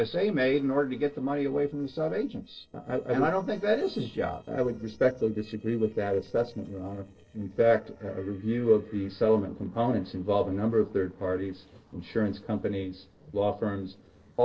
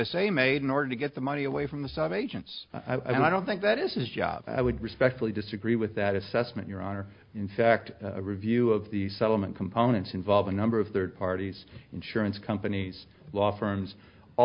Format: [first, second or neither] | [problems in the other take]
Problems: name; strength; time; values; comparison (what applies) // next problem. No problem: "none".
second | noise reduction (neural separator model SepFormer DNS4)